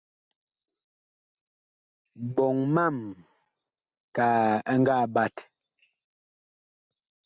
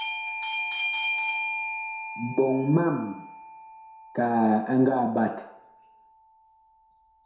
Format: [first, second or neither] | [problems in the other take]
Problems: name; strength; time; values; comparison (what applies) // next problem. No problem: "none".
first | background sound (Bell / Doorbell); 7 dB below the speech // room echo; dies away in 0.6 s